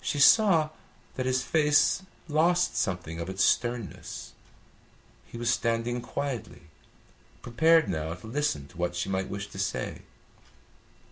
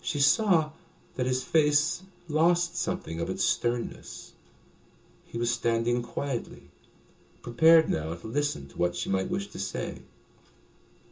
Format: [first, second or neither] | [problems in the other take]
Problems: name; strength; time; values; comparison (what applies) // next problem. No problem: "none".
first | room echo; dies away in 0.2 s